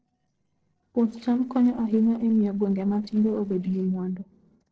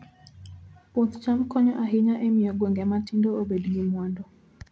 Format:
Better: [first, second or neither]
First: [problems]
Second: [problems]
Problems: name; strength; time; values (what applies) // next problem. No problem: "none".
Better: second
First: noise reduction (neural separator model SepFormer DNS4)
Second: none